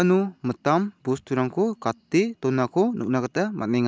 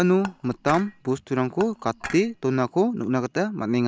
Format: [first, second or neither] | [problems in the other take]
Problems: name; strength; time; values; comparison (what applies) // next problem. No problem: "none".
first | background sound (Dishes, pots, and pans / Chink, clink); 15 dB below the speech